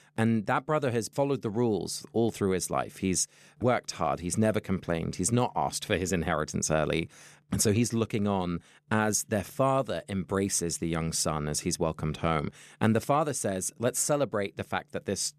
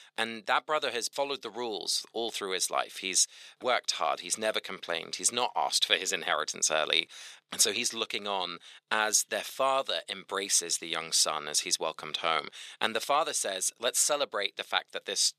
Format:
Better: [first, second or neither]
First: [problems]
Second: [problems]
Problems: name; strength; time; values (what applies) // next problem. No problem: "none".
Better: first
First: none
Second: thin; very; fading below 600 Hz